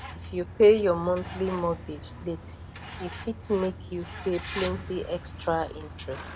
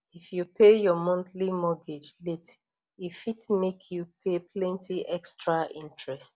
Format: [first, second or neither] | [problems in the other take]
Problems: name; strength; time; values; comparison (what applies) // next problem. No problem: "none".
second | background sound (Truck); 11 dB below the speech